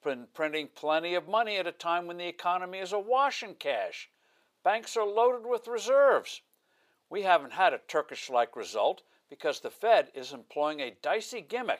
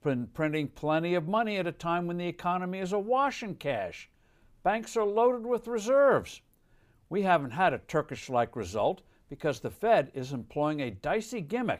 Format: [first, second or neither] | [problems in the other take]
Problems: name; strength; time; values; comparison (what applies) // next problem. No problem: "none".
second | thin; somewhat; fading below 550 Hz